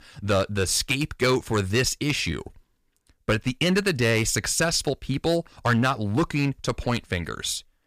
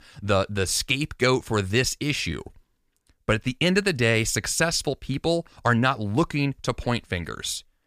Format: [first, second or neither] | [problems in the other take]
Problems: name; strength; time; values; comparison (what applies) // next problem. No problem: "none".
second | distortion; slight; 3% of the sound clipped